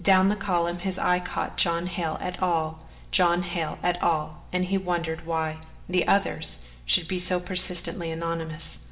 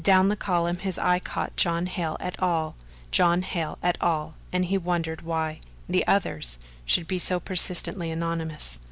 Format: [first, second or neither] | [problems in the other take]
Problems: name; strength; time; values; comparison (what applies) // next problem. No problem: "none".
second | room echo; dies away in 0.7 s